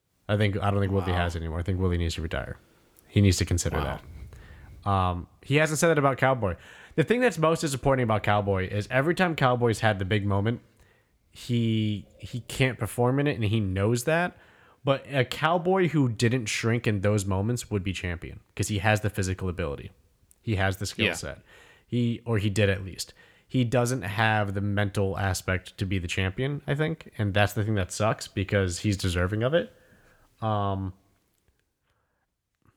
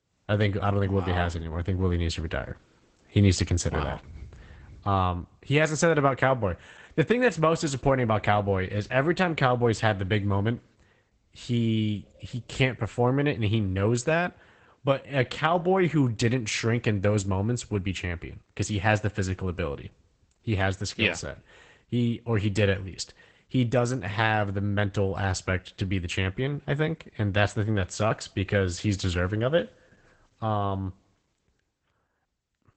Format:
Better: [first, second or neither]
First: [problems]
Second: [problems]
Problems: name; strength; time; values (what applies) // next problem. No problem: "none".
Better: first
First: none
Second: garbled, watery; badly; nothing above 8 kHz